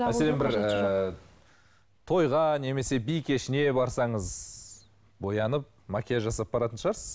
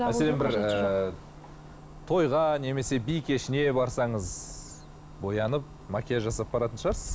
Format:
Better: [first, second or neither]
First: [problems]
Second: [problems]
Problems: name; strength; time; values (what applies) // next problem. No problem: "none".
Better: first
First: none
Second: background sound (Clock); 15 dB below the speech